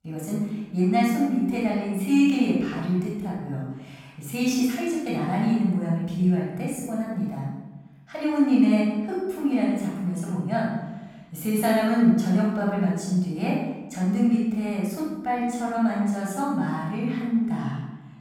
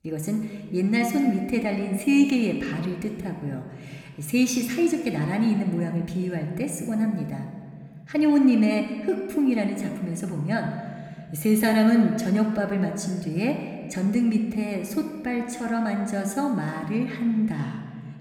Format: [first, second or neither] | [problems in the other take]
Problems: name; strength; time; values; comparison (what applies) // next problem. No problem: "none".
second | room echo; strong; dies away in 0.9 s; slight in the second // off-mic speech; far